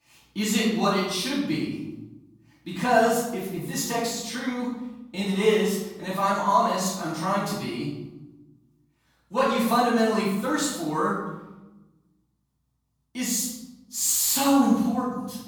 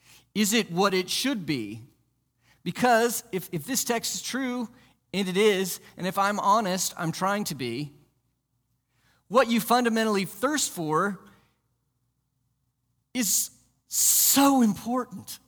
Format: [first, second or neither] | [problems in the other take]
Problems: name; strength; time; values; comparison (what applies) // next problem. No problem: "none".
second | off-mic speech; far // room echo; noticeable; dies away in 0.9 s